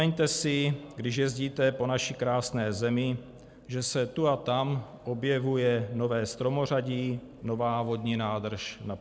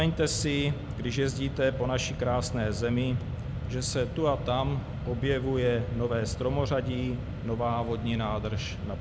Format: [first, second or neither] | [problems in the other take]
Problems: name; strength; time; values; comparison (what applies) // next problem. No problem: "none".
first | background sound (Mechanisms); 5 dB below the speech